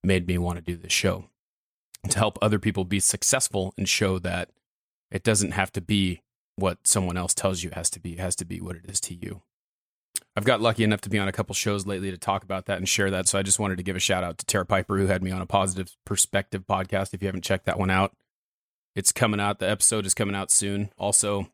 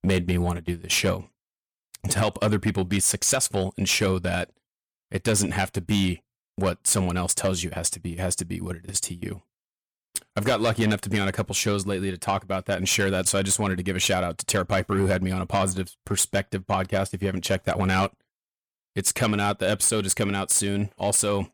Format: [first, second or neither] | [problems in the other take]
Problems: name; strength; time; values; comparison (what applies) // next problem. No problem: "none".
first | distortion; slight; 10 dB below the speech